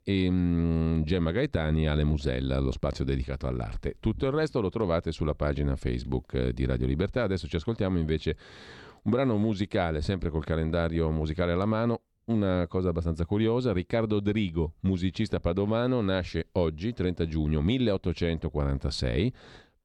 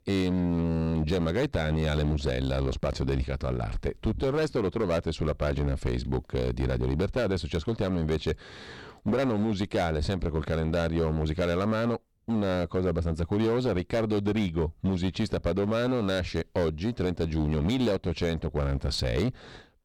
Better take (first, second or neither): first